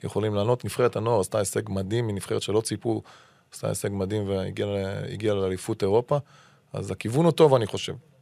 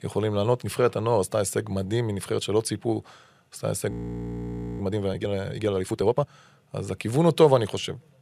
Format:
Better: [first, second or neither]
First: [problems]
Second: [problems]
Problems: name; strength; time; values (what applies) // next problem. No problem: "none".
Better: first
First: none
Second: audio freezing; at 4 s for 1 s